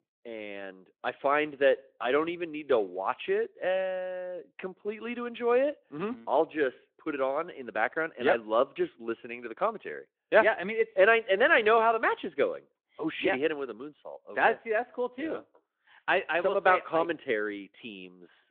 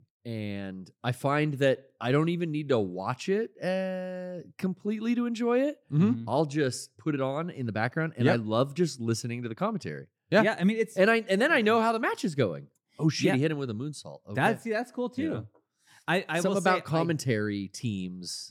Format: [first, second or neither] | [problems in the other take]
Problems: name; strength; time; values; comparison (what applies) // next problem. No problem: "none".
second | phone-call audio